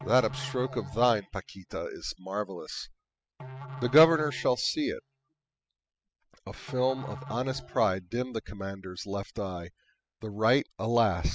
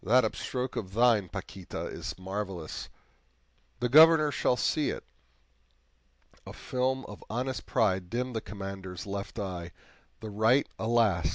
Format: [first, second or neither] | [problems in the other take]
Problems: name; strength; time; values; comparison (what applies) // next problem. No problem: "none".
second | noise reduction (classical method spectral subtraction)